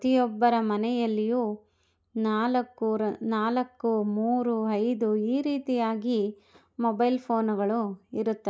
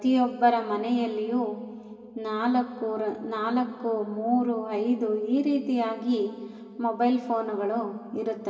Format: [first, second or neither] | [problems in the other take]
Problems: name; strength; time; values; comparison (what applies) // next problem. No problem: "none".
first | room echo; dies away in 2.3 s